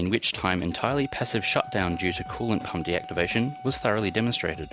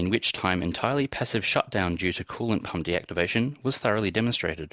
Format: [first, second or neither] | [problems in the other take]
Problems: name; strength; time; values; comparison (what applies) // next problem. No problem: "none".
second | background sound (Wind instrument, woodwind instrument + Drum / Drum kit); 13 dB below the speech